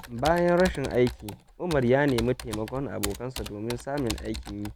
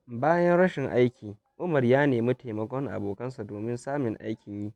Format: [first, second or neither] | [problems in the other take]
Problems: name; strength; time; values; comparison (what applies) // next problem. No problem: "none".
second | background sound (Computer keyboard); 12 dB below the speech